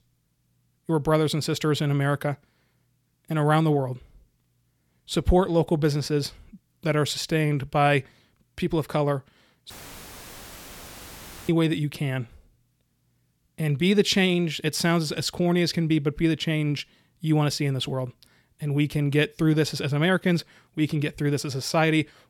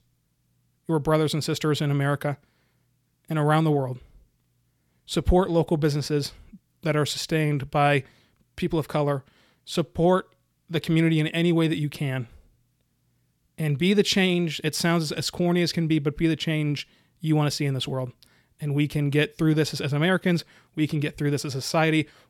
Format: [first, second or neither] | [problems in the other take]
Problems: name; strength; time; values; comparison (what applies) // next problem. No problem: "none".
second | audio cutting out; filled with static; at 9.5 s for 2 s